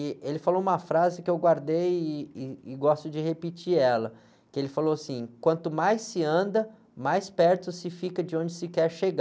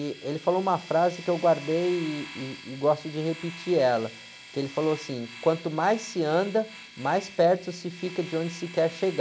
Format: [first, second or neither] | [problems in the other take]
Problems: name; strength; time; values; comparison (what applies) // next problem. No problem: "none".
first | background sound (Domestic sounds, home sounds); 17 dB below the speech